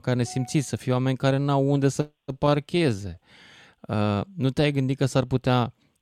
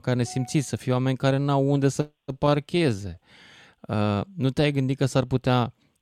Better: neither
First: none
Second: none

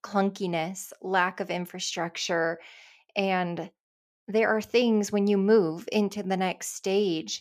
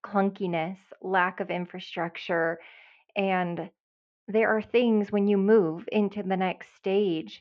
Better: first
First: none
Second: muffled; very; fading above 3 kHz

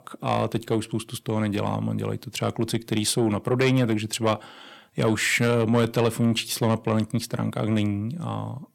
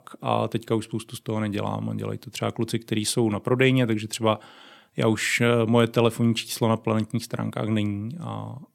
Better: second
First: distortion; slight; 10 dB below the speech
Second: none

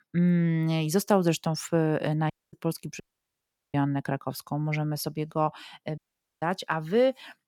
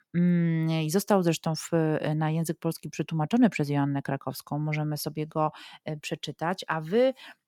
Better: second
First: audio cutting out; at 2.5 s, at 3 s for 0.5 s and at 6 s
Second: none

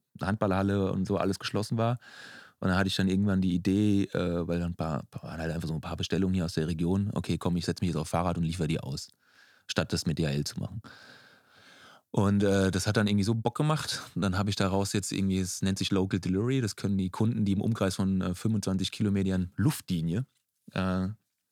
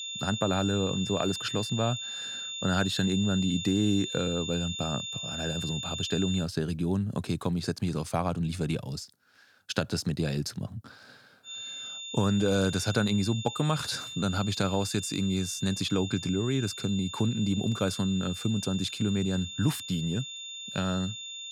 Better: first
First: none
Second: high-pitched whine; loud; until 6.5 s and from 11 s on; 3.5 kHz, 6 dB below the speech

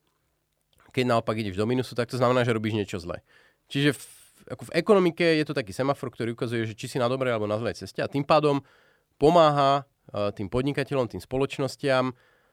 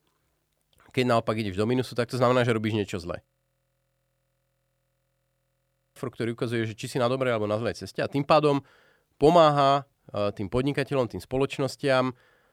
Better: first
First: none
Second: audio freezing; at 3.5 s for 2.5 s

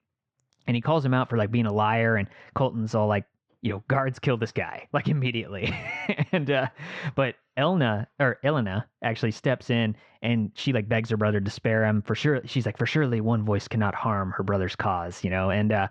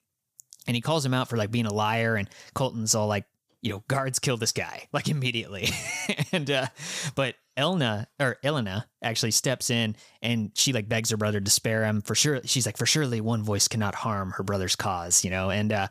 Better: second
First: muffled; very; fading above 2.5 kHz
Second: none

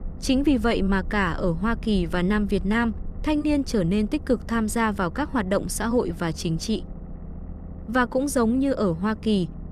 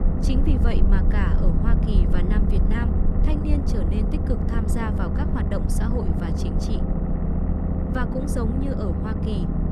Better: first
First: low rumble; faint; throughout; 20 dB below the speech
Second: low rumble; loud; throughout; as loud as the speech

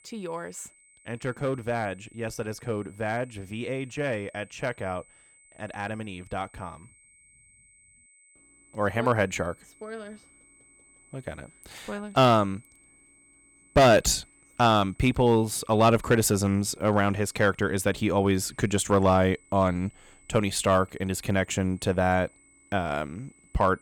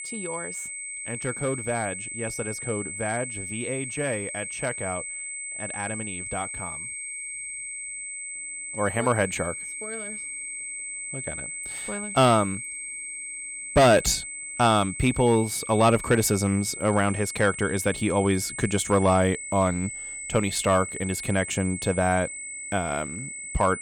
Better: first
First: high-pitched whine; faint; throughout; 8 kHz, 30 dB below the speech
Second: high-pitched whine; loud; throughout; 8 kHz, 7 dB below the speech

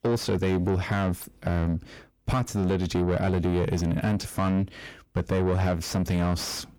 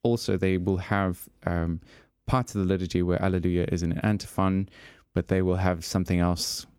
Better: second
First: distortion; heavy; 7 dB below the speech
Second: none

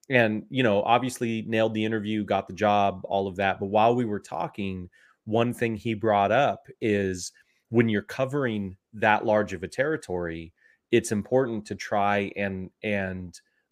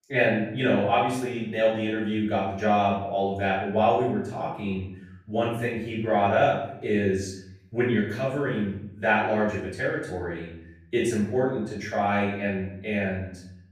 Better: first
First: none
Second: off-mic speech; far // room echo; noticeable; dies away in 0.7 s

